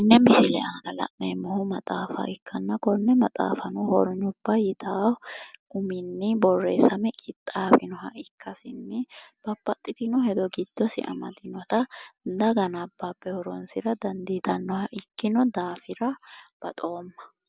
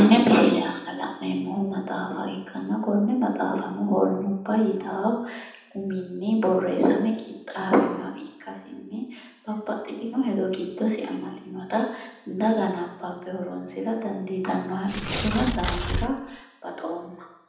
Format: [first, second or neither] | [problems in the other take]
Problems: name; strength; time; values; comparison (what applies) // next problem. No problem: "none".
first | background sound (Tearing); 3 dB below the speech // room echo; dies away in 0.8 s